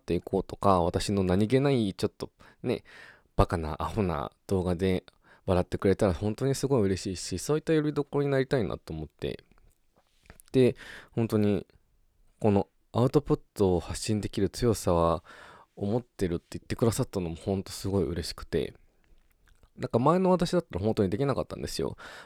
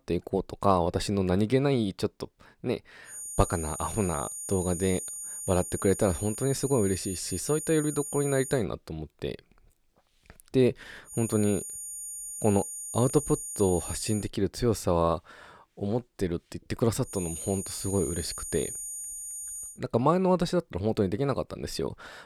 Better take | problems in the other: first | high-pitched whine; loud; from 3 to 8.5 s, from 11 to 14 s and from 17 to 20 s; 9 kHz, 7 dB below the speech

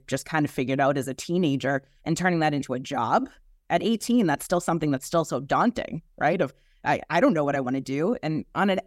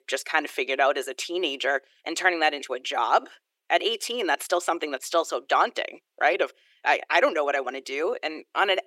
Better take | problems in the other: first | thin; very; fading below 350 Hz

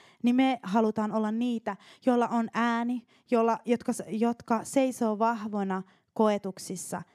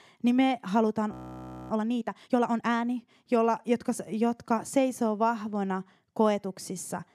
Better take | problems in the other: first | audio freezing; at 1 s for 0.5 s

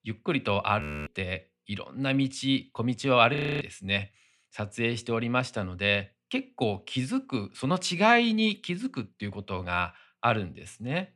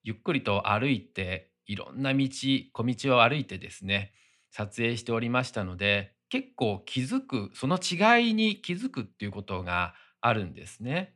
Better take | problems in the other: second | audio freezing; at 1 s and at 3.5 s

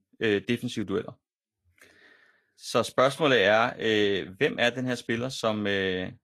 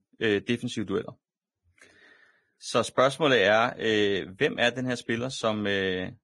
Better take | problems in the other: first | garbled, watery; badly; nothing above 10.5 kHz; slightly in the first

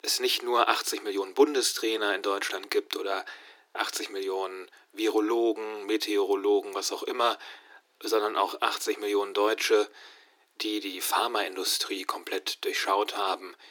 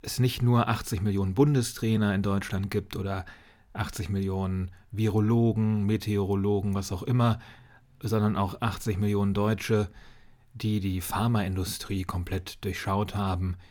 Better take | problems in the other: second | thin; very; fading below 300 Hz

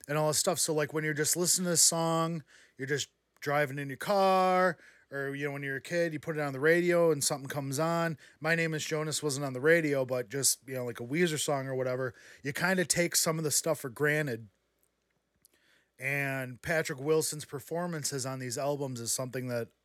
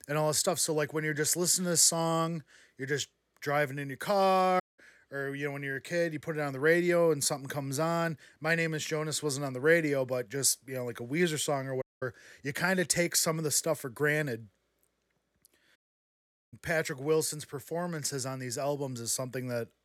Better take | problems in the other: first | audio cutting out; at 4.5 s, at 12 s and at 16 s for 1 s

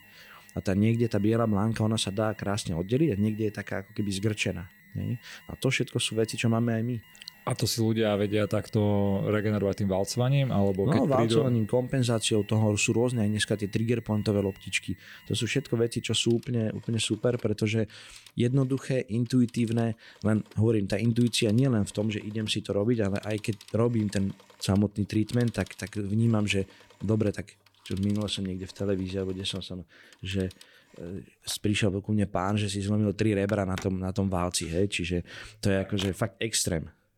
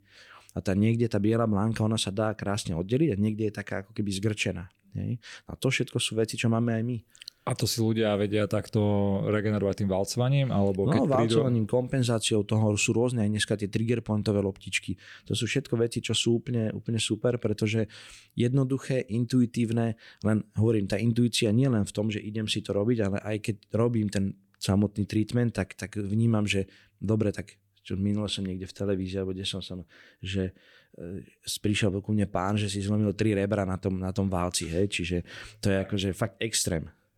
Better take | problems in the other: second | alarms or sirens; faint; throughout; 25 dB below the speech

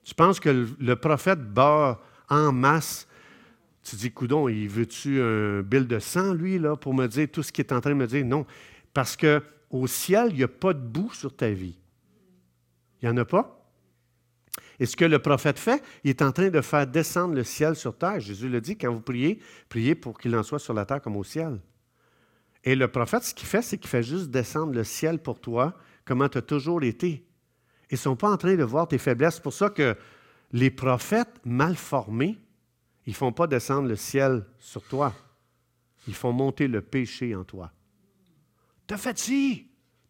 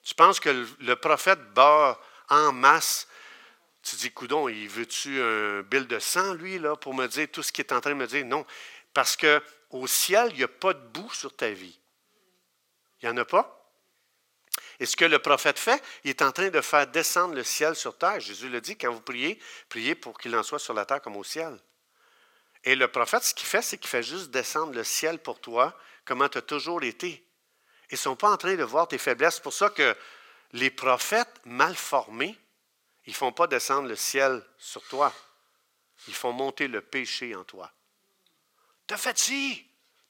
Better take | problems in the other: first | thin; very; fading below 650 Hz

